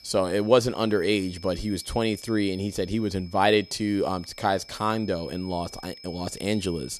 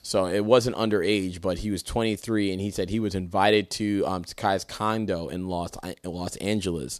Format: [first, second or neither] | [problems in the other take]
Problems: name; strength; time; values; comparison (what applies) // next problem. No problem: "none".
second | high-pitched whine; noticeable; throughout; 5 kHz, 20 dB below the speech